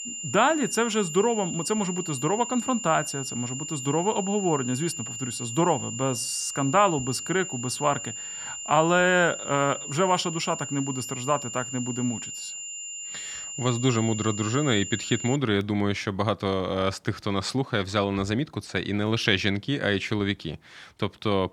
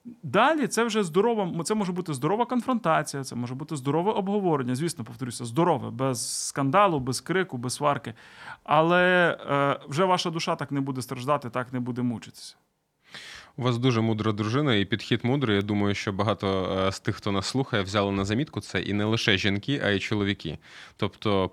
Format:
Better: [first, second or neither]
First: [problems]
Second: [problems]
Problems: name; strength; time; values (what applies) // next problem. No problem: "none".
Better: second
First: high-pitched whine; loud; until 15 s; 7 kHz, 7 dB below the speech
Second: none